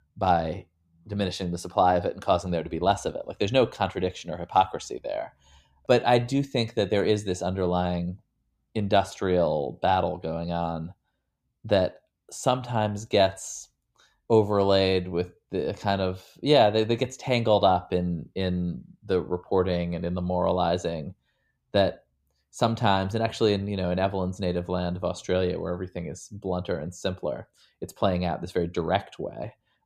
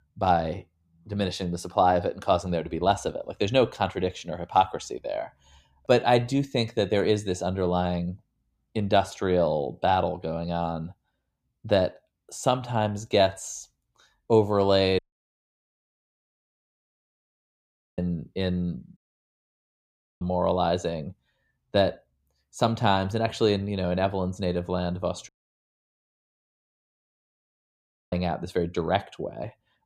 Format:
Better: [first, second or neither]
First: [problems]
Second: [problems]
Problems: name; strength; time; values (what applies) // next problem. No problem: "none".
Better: first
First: none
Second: audio cutting out; at 15 s for 3 s, at 19 s for 1 s and at 25 s for 3 s